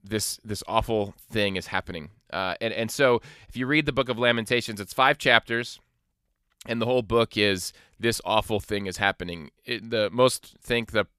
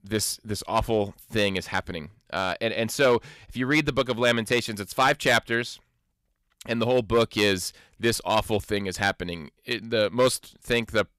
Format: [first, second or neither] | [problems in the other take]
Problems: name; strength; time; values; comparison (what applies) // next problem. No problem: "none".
first | distortion; slight; 2% of the sound clipped